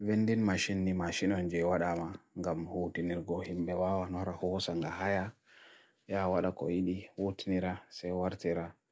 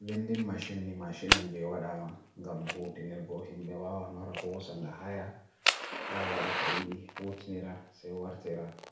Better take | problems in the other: first | background sound (Fire); 1 dB above the speech // room echo; dies away in 0.6 s

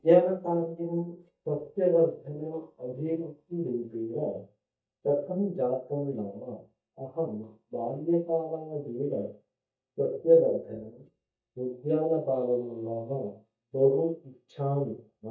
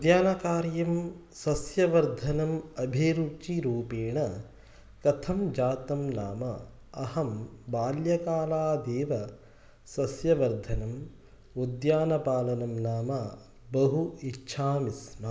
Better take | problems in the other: second | noise reduction (neural mask model DeepFilterNet 3)

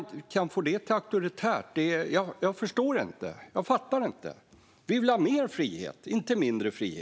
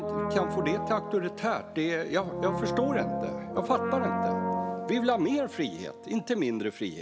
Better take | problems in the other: first | background sound (Brass instrument); 3 dB below the speech

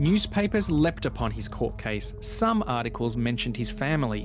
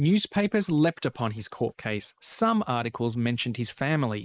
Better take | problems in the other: first | noise reduction (neural mask model Resemble Enhance denoiser)

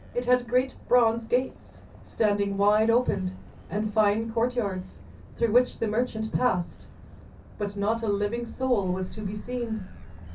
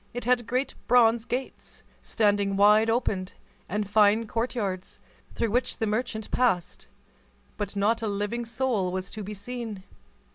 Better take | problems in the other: second | background sound (Motor vehicle (road)); 16 dB below the speech // room echo; dies away in 0.3 s

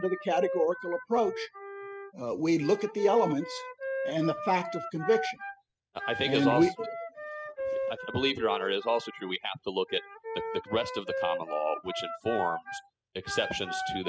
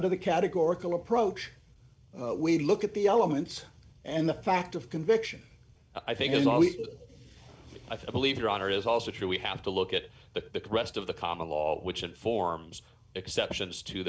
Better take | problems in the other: second | noise reduction (classical method spectral subtraction)

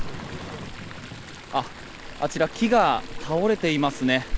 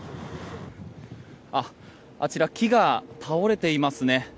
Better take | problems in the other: second | background sound (Chatter / Stream); 9 dB below the speech

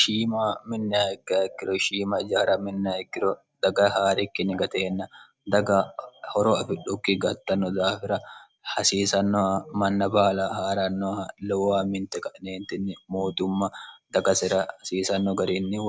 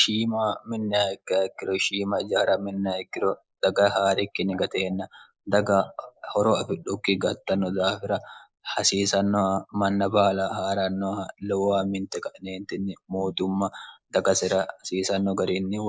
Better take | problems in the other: first | noise reduction (neural mask model Resemble Enhance denoiser)

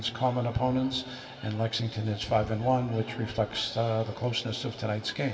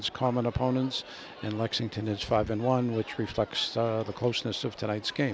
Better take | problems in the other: second | room echo; dies away in 1.9 s

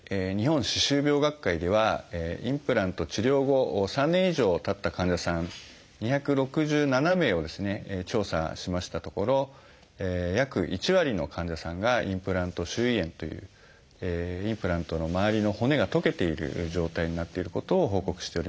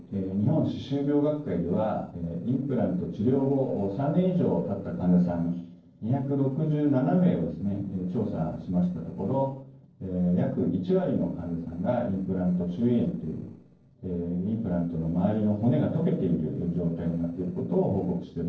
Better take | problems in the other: first | noise reduction (neural separator model SepFormer DNS4)

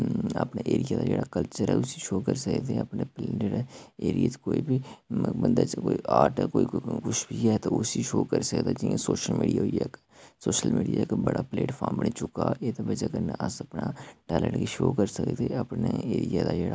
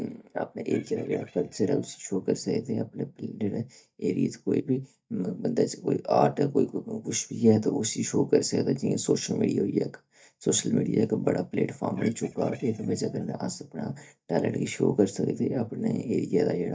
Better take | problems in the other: first | noise reduction (neural mask model DeepFilterNet 3)

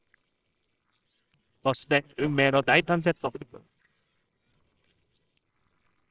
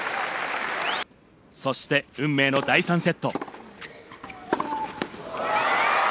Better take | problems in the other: second | noise reduction (neural separator model SepFormer WHAMR!)

